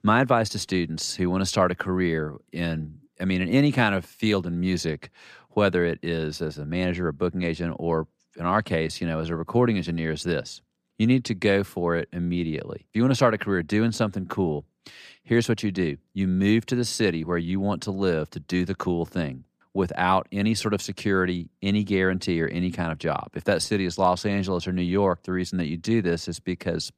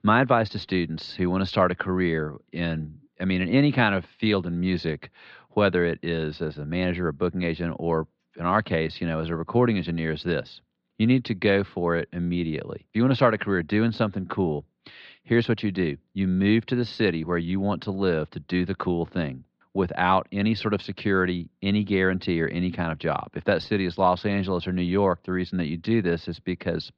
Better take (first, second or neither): first